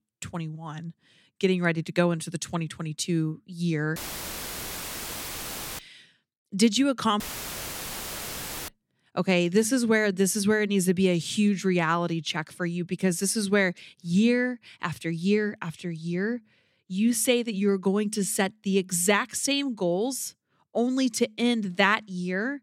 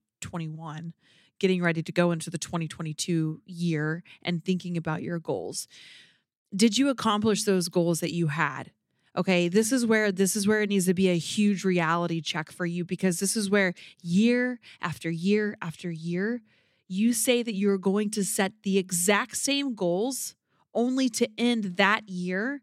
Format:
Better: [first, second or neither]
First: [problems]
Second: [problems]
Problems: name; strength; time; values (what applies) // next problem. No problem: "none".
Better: second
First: audio cutting out; filled with static; at 4 s for 2 s and at 7 s for 1.5 s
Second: none